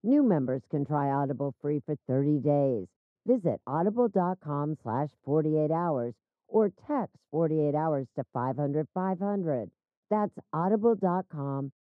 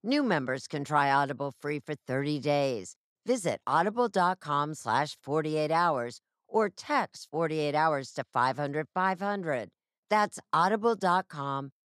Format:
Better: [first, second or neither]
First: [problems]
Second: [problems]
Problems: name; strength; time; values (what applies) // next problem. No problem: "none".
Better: second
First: muffled; very; fading above 1.5 kHz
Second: none